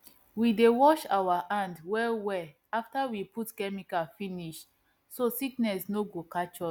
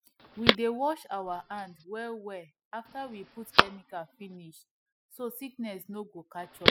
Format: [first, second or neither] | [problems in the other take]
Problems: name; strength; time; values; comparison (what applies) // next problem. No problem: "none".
first | noise reduction (classical method spectral subtraction)